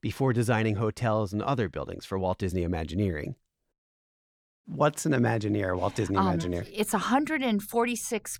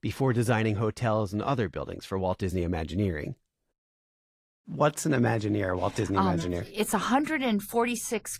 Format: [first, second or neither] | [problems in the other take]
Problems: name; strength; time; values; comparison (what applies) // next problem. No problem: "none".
first | garbled, watery; slightly; nothing above 14.5 kHz